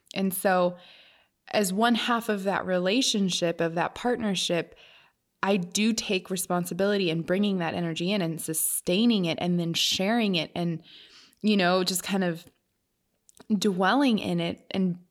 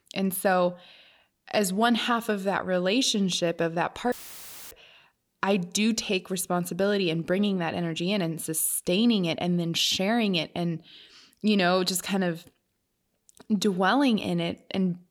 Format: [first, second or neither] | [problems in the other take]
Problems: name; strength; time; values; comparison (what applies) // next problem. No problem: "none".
first | audio cutting out; filled with static; at 4 s for 0.5 s